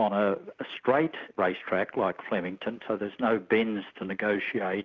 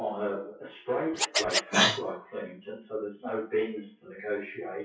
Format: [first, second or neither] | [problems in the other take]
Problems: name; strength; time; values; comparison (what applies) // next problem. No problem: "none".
first | noise reduction (classical method WPE with log-MMSE)